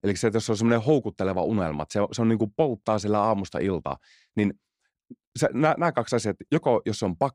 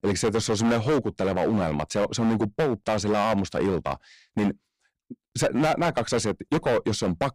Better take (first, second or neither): first